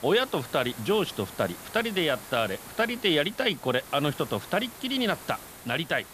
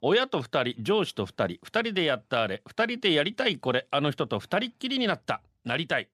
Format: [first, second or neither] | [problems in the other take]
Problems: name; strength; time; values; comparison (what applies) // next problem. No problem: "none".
second | hiss; noticeable; throughout; 15 dB below the speech